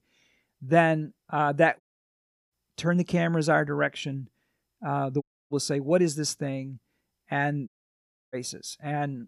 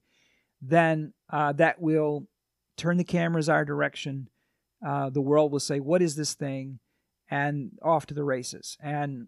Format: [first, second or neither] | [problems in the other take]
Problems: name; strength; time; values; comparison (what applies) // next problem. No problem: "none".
second | audio cutting out; at 2 s for 0.5 s, at 5 s and at 7.5 s for 0.5 s